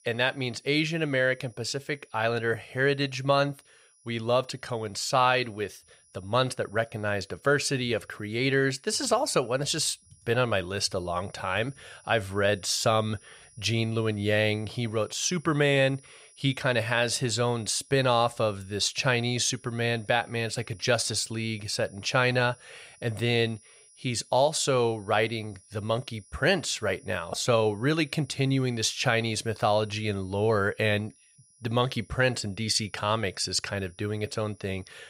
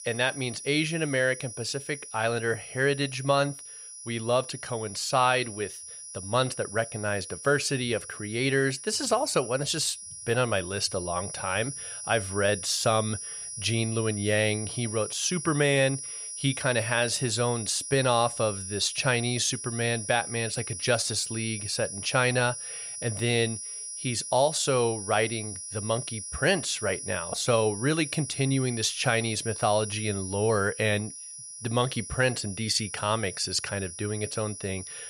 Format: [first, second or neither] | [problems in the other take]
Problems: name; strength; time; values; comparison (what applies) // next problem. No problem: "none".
first | high-pitched whine; loud; throughout; 10 kHz, 9 dB below the speech; faint in the first